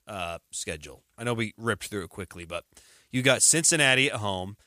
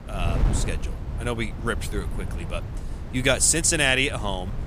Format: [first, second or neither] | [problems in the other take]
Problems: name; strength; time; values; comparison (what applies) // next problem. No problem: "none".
first | wind noise on the microphone; occasional gusts; 15 dB below the speech